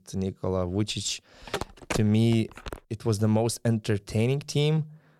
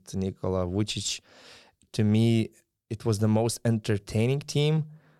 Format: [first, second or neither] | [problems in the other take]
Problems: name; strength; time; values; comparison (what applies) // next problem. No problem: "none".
second | phone ringing; noticeable; from 1.5 to 3 s; peak 6 dB below the speech